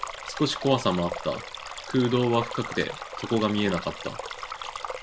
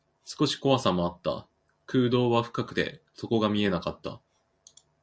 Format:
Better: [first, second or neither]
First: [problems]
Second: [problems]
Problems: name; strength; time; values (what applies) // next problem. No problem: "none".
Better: second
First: background sound (Stream); 9 dB below the speech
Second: none